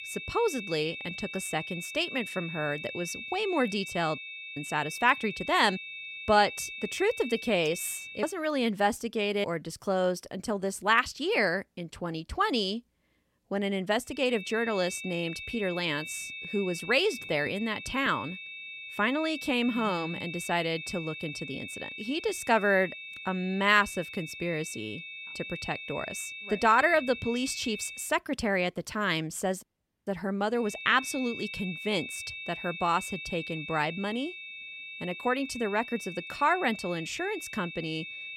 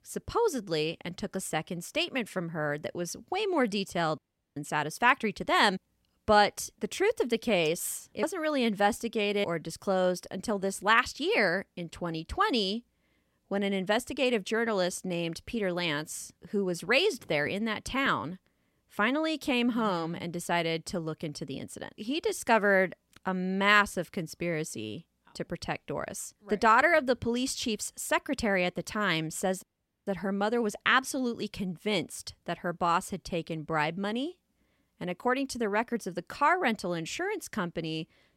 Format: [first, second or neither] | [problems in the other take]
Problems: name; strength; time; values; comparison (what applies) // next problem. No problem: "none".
second | high-pitched whine; loud; until 8 s, from 14 to 28 s and from 31 s on; 2.5 kHz, 9 dB below the speech